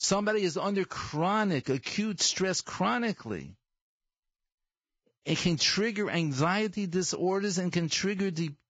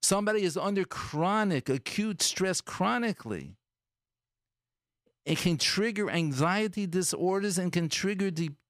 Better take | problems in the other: second | garbled, watery; badly; nothing above 7.5 kHz

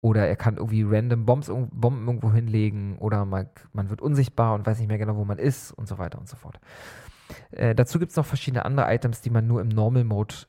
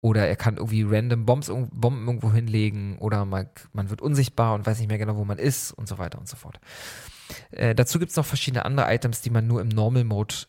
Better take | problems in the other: second | muffled; slightly; fading above 2 kHz

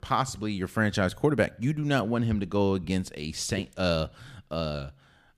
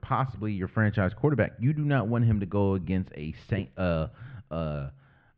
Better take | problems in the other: first | muffled; very; fading above 2.5 kHz

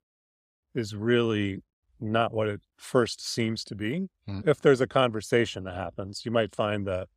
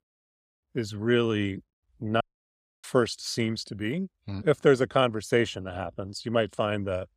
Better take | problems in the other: first | audio cutting out; at 2 s for 0.5 s

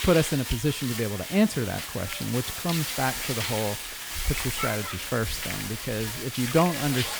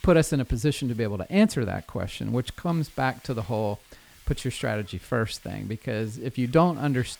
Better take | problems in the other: second | hiss; loud; throughout; 3 dB below the speech; faint in the second

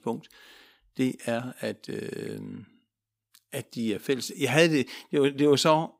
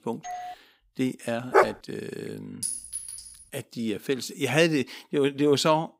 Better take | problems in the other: first | doorbell; faint; at the start; peak 10 dB below the speech // dog barking; loud; at 1.5 s; peak 5 dB above the speech // clattering dishes; noticeable; at 2.5 s; peak 3 dB below the speech

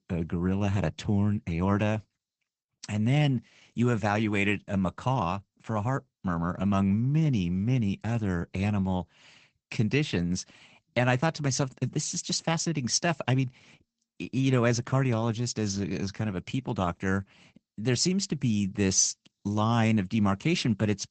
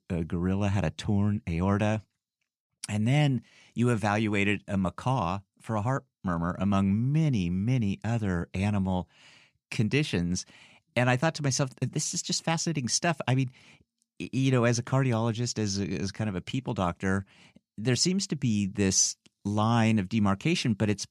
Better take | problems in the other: second | garbled, watery; badly; nothing above 7.5 kHz

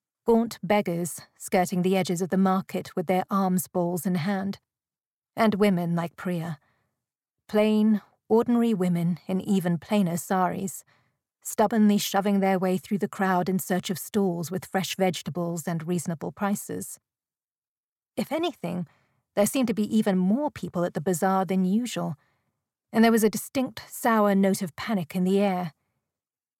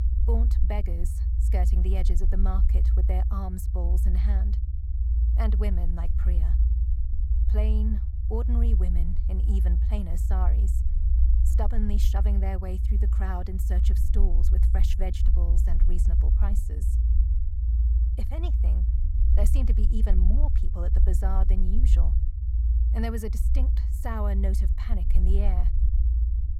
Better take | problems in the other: first | low rumble; loud; throughout; 5 dB below the speech

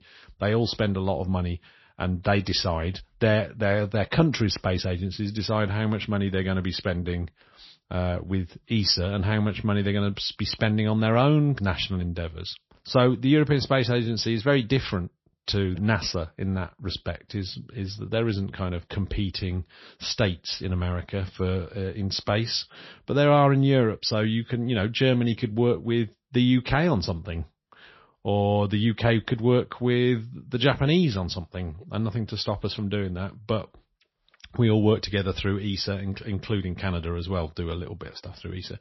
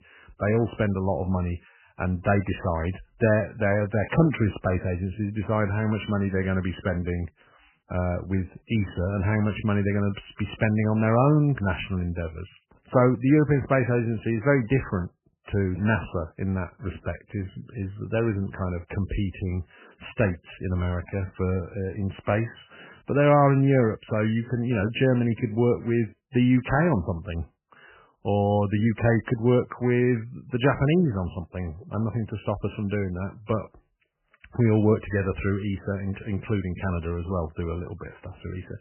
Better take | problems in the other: first | garbled, watery; badly; nothing above 3 kHz; slightly in the first

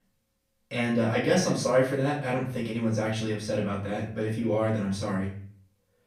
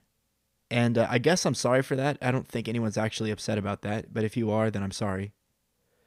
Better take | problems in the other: second | off-mic speech; far // room echo; noticeable; dies away in 0.4 s

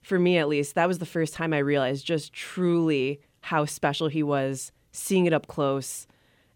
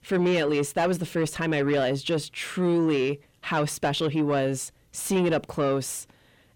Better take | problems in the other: first | distortion; slight; 10 dB below the speech

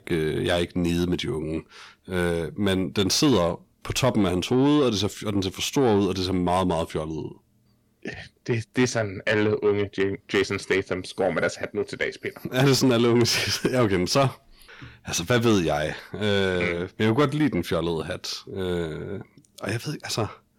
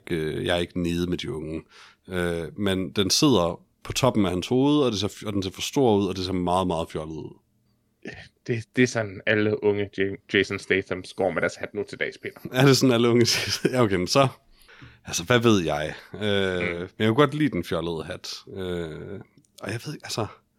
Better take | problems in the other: second | distortion; slight; 10 dB below the speech

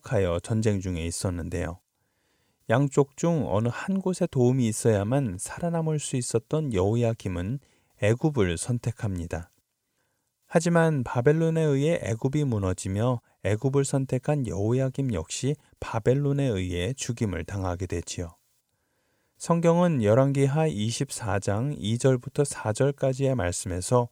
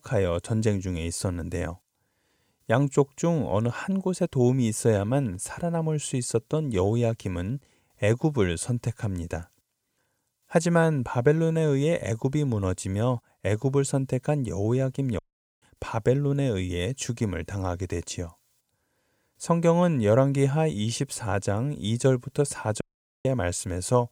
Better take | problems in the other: first | audio cutting out; at 15 s and at 23 s

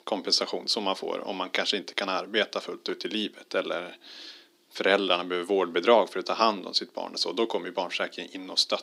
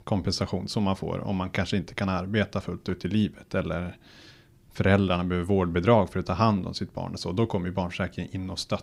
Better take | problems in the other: second | thin; somewhat; fading below 300 Hz

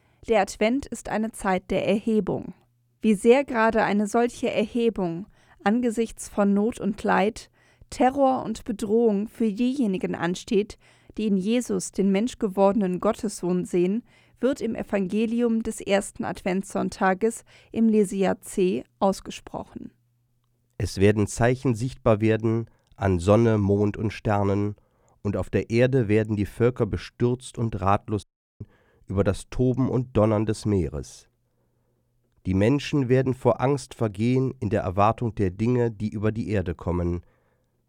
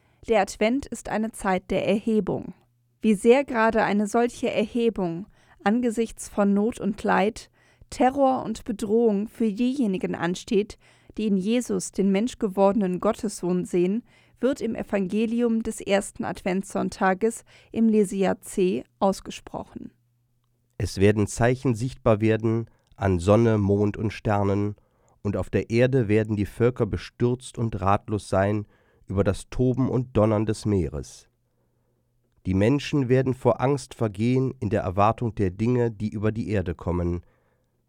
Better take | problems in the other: second | audio cutting out; at 28 s

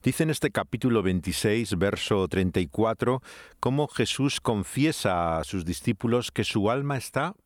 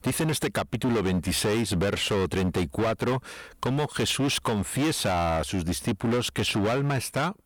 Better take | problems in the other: first | distortion; heavy; 23% of the sound clipped

